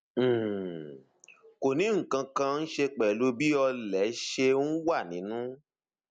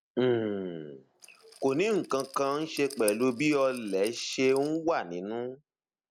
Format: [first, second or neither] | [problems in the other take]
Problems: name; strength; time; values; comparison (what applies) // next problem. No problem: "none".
first | background sound (Rattle); 18 dB below the speech